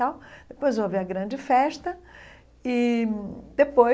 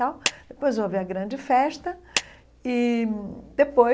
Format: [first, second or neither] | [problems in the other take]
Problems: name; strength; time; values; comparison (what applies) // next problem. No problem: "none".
first | background sound (Clapping); 10 dB below the speech